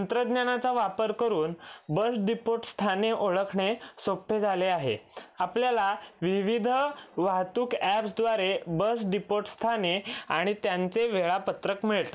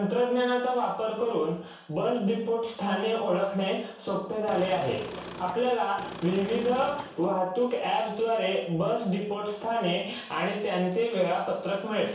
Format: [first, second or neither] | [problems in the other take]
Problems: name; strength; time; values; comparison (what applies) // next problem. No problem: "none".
first | background sound (Engine / Car); 12 dB below the speech // room echo; dies away in 0.7 s